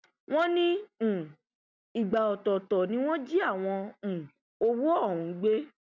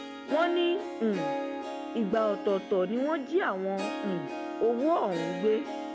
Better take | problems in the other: first | background sound (Harp); 7 dB below the speech

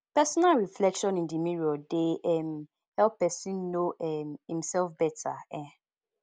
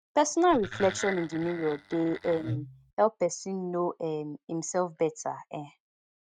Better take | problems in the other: first | noise reduction (neural mask model RNNoise)

